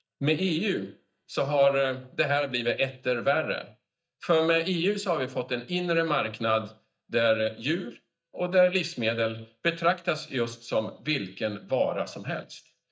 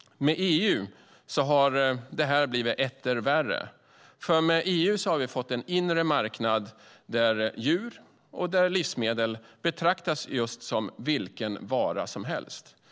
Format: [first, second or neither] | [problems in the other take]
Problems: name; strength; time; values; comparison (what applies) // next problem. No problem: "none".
second | noise reduction (neural mask model DeepFilterNet 3)